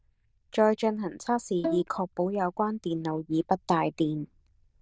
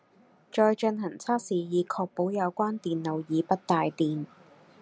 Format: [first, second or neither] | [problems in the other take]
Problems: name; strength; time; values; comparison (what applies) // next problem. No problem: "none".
second | noise reduction (neural diffusion model UNIVERSE++)